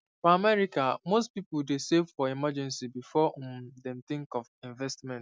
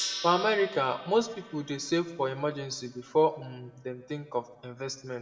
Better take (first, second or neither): first